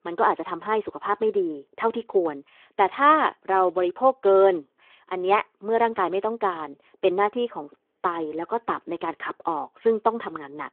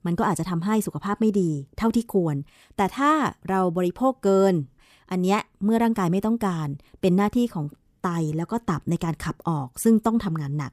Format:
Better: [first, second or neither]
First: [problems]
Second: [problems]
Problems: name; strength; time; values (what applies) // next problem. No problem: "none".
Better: second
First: phone-call audio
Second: none